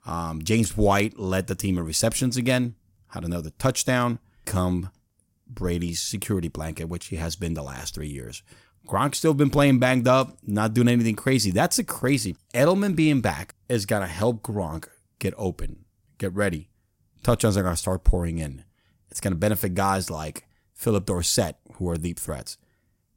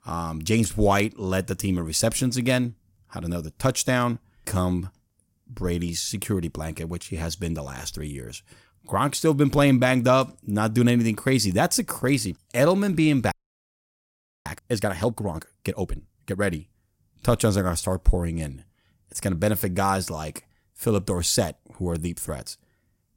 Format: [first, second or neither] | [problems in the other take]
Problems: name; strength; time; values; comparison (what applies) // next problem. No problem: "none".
first | audio freezing; at 13 s for 1 s